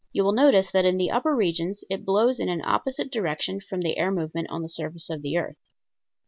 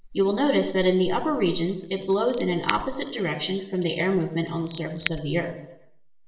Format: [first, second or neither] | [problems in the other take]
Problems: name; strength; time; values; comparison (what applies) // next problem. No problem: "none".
first | background sound (Scissors); 13 dB below the speech // room echo; dies away in 0.8 s